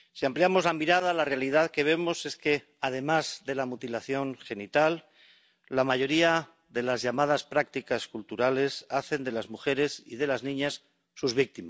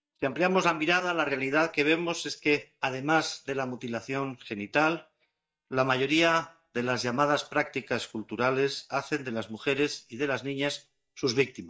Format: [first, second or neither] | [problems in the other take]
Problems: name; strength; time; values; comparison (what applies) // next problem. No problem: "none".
first | noise reduction (neural mask model DeepFilterNet 3)